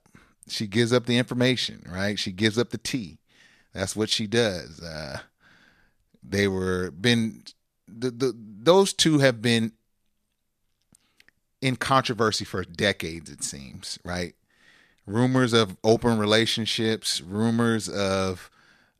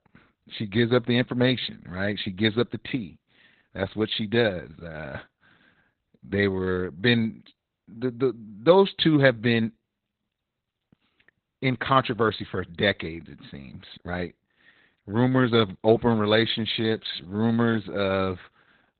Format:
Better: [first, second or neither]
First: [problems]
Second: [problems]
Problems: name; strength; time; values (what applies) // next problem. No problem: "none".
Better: first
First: none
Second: garbled, watery; badly; nothing above 4 kHz